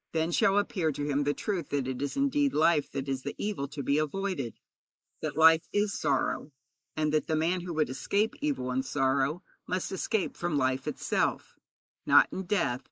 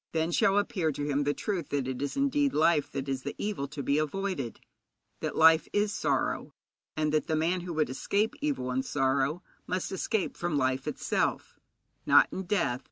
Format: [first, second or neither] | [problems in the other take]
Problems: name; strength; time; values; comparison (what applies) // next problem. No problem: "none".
second | noise reduction (neural mask model Resemble Enhance denoiser)